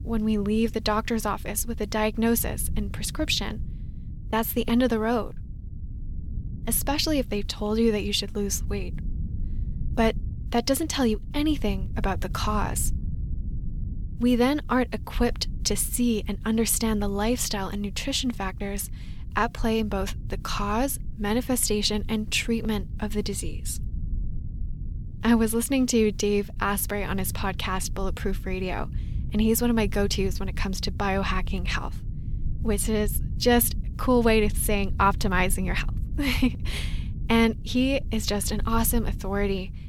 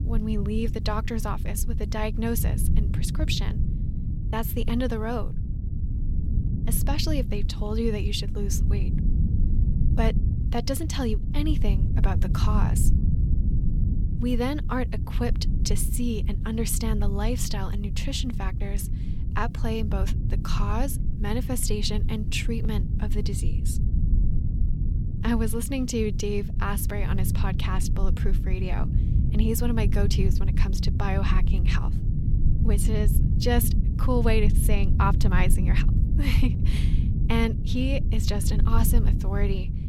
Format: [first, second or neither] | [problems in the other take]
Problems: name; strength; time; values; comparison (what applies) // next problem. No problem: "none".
first | low rumble; loud; throughout; 8 dB below the speech; faint in the first